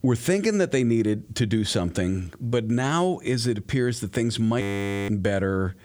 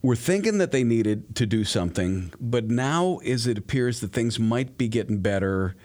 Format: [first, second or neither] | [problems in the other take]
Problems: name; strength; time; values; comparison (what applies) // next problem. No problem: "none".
second | audio freezing; at 4.5 s